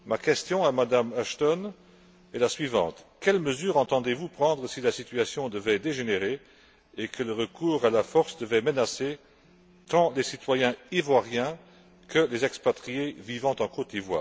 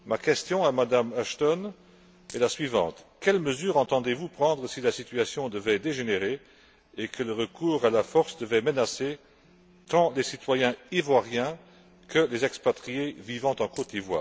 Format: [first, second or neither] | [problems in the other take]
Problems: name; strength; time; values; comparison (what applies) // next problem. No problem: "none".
first | background sound (Coin (dropping)); 20 dB below the speech